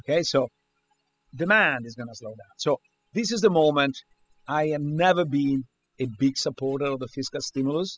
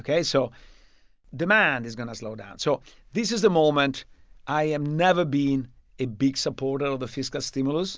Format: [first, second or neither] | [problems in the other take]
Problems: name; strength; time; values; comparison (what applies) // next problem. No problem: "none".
second | noise reduction (classical method spectral subtraction)